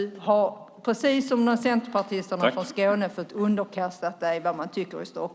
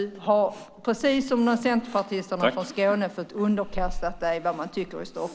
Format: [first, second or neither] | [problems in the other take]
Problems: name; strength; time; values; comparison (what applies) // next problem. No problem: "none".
first | background sound (Breathing); 13 dB below the speech